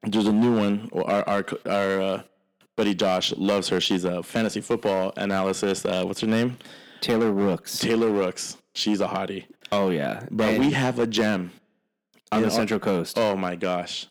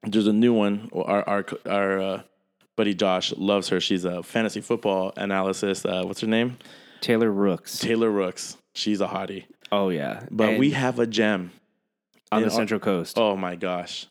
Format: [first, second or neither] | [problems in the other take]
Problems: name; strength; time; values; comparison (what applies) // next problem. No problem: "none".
second | distortion; slight; 7% of the sound clipped